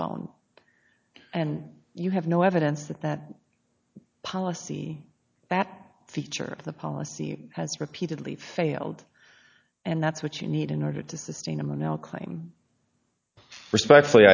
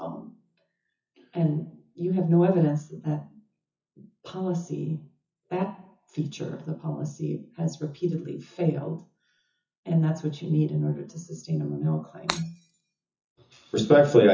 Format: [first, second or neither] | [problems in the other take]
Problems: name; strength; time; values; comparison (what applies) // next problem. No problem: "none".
first | noise reduction (classical method WPE with log-MMSE)